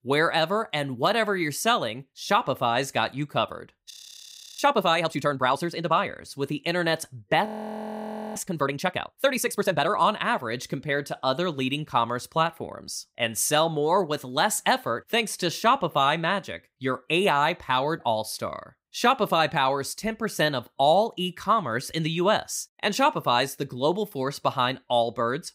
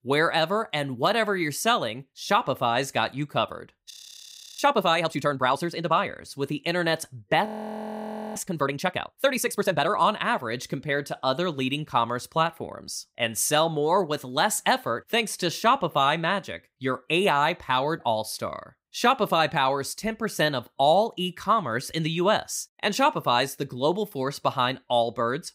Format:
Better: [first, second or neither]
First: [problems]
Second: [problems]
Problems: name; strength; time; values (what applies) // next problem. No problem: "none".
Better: neither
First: audio freezing; at 4 s for 0.5 s and at 7.5 s for 1 s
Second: audio freezing; at 4 s for 0.5 s and at 7.5 s for 1 s